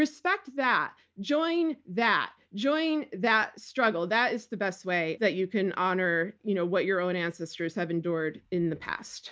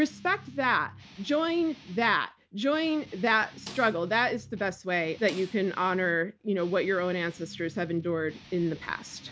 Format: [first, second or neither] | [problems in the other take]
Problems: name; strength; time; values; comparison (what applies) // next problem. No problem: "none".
first | background sound (Snare drum + Guitar); 20 dB below the speech